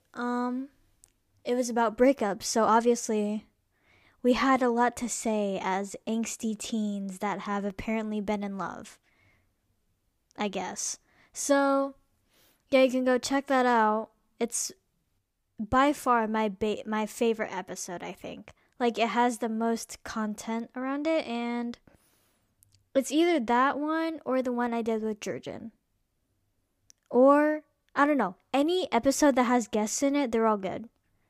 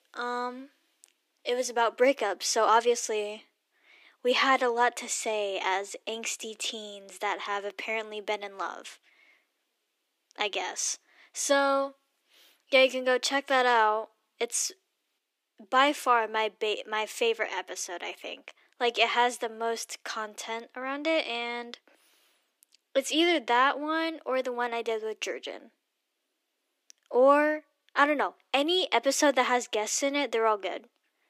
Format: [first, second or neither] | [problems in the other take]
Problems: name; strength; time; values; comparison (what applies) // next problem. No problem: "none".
first | thin; somewhat; fading below 300 Hz